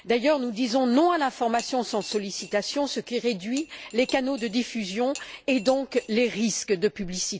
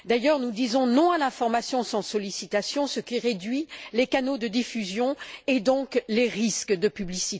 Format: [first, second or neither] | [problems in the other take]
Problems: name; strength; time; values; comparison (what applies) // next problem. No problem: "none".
second | background sound (Cutlery, silverware / Dishes, pots, and pans); 19 dB below the speech